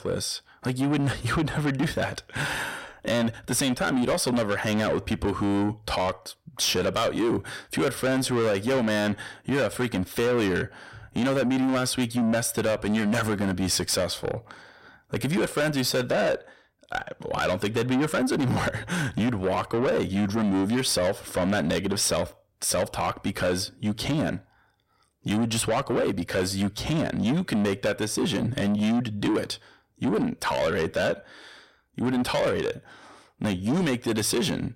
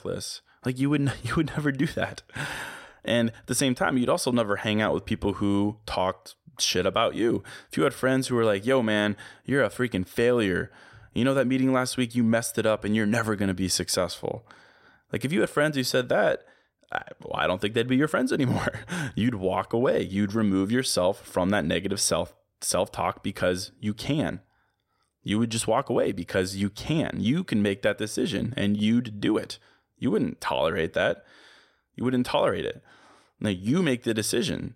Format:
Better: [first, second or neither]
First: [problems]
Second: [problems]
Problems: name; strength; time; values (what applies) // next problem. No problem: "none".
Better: second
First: distortion; heavy; 8 dB below the speech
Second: none